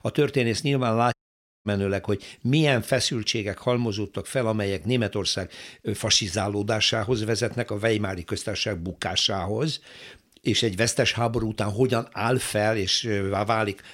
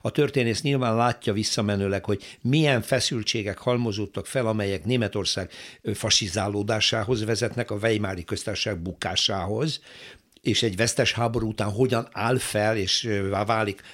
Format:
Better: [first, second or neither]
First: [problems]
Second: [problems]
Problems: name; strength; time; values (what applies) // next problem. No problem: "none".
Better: second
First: audio cutting out; at 1 s for 0.5 s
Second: none